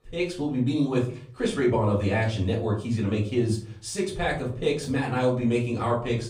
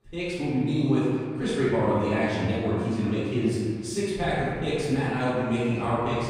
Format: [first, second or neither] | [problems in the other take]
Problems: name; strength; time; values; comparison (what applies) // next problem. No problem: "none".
first | room echo; strong; dies away in 2 s; slight in the first // off-mic speech; far; far in the first